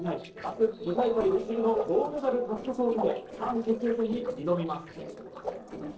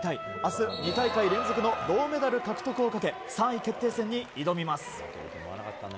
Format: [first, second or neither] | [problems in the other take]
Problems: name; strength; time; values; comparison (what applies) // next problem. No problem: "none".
second | noise reduction (neural separator model SepFormer DNS4)